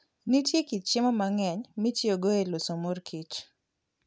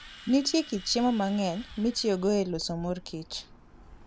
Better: first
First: none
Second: background sound (Bird + Drill); 19 dB below the speech

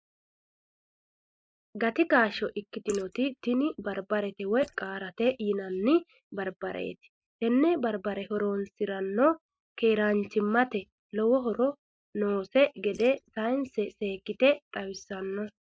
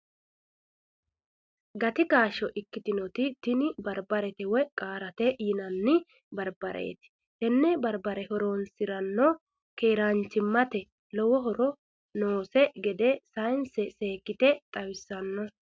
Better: second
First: noise reduction (neural mask model Resemble Enhance denoiser)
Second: none

